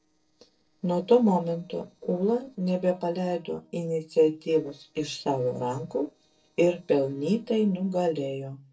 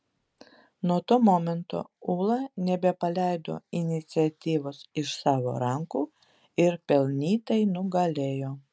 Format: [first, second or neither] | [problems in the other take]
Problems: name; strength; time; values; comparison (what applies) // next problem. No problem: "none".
second | noise reduction (neural separator model SepFormer DNS4)